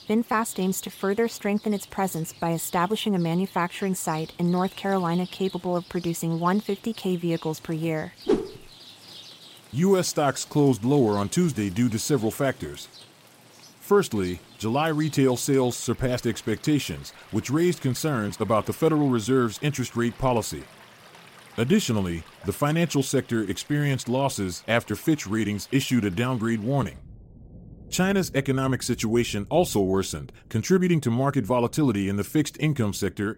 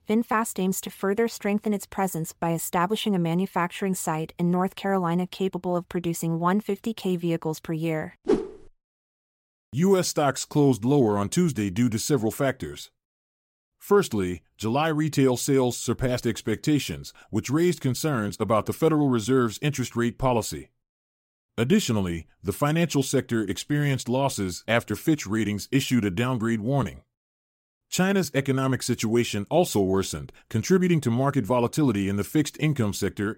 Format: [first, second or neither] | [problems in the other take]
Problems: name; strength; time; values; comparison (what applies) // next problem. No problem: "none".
second | rain or running water; faint; throughout; 20 dB below the speech